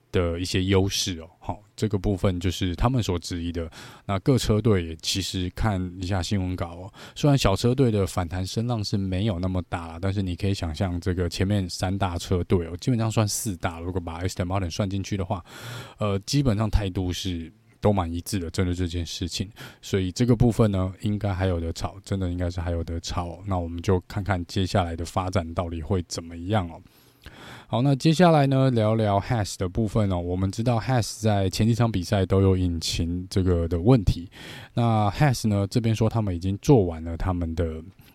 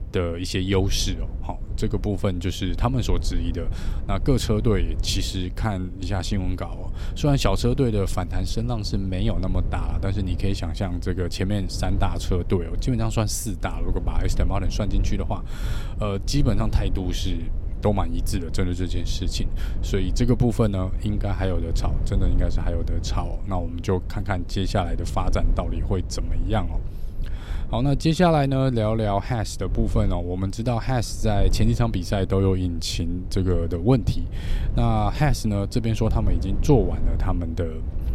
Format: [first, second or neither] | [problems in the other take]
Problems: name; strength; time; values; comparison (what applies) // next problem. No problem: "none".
first | low rumble; noticeable; throughout; 15 dB below the speech